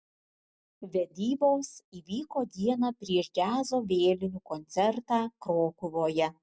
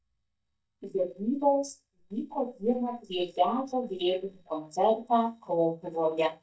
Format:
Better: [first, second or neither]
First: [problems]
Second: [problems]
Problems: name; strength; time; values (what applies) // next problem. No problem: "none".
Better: first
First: none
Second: noise reduction (neural mask model DeepFilterNet 3)